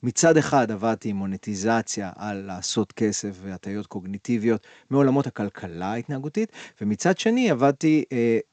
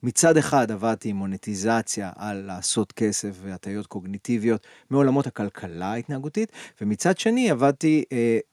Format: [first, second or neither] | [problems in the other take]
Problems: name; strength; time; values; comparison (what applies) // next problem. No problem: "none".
second | garbled, watery; slightly; nothing above 7.5 kHz